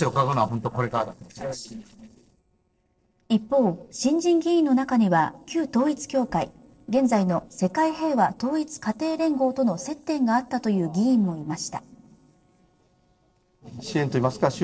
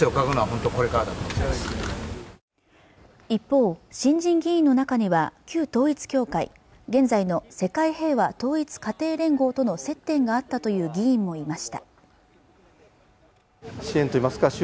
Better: second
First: noise reduction (neural separator model SepFormer DNS4)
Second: none

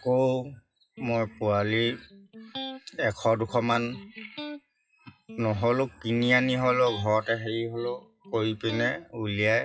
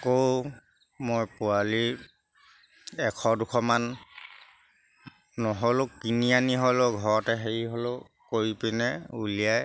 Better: second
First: noise reduction (classical method WPE with log-MMSE)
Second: none

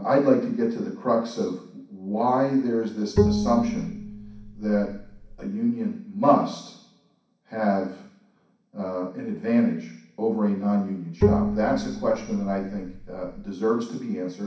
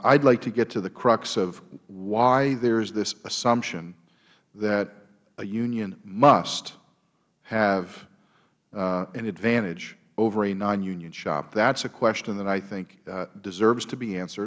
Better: second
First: background sound (Bowed string instrument); 1 dB below the speech // room echo; dies away in 0.6 s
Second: none

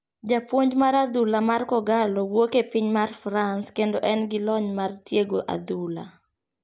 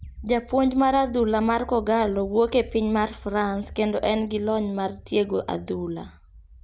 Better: first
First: none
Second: background sound (Bird); 18 dB below the speech

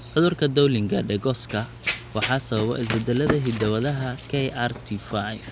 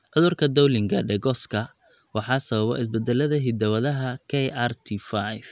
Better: second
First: background sound (Run); 10 dB below the speech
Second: none

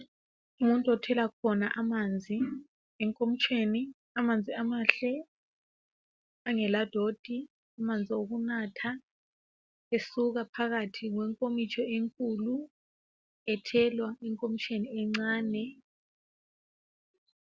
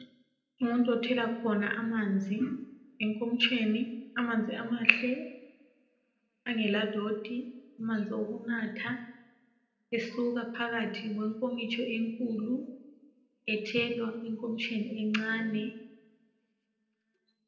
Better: first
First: none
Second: room echo; dies away in 0.7 s

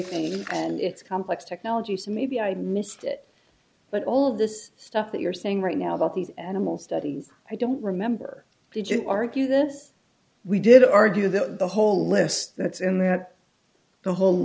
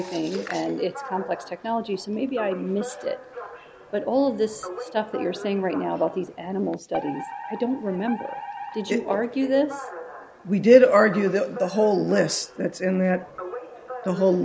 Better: first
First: none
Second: background sound (Alarm); 14 dB below the speech

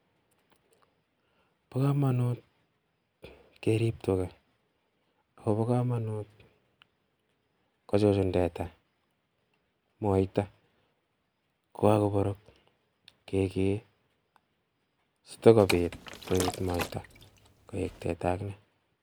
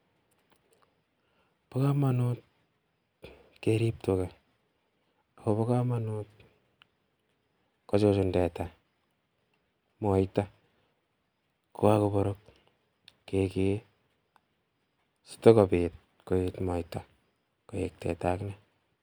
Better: second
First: background sound (Liquid); 8 dB below the speech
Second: none

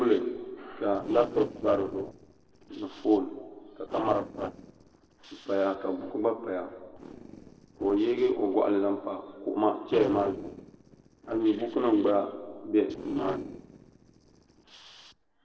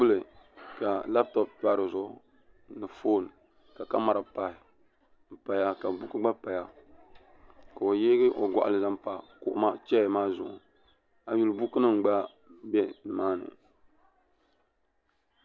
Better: second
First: noise reduction (neural separator model SepFormer DNS4)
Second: none

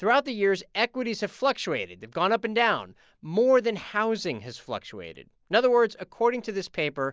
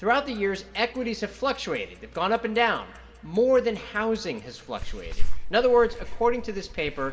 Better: first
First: none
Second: background sound (Clock); 2 dB below the speech // room echo; dies away in 1.5 s

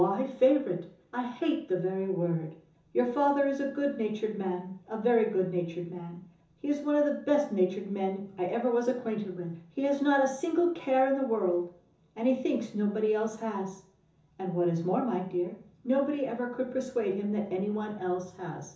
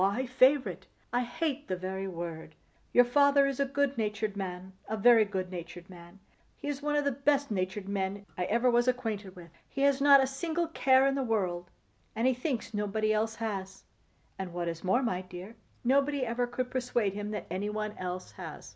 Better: second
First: room echo; dies away in 0.7 s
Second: none

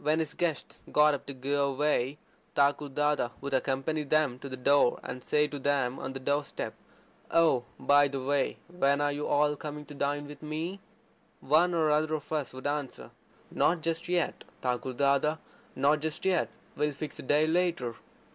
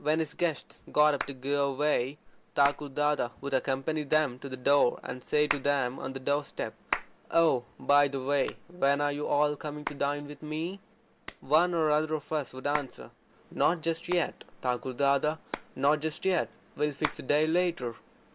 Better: first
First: none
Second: background sound (Hands); 15 dB below the speech

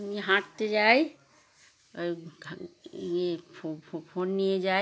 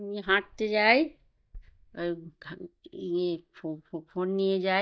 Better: first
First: none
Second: noise reduction (neural mask model DeepFilterNet 3)

